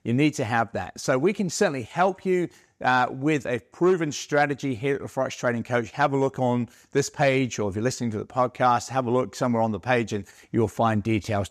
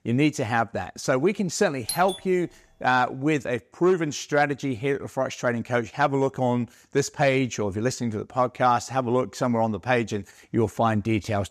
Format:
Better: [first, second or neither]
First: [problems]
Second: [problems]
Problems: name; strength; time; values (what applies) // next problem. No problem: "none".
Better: first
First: none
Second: doorbell; noticeable; at 2 s; peak 7 dB below the speech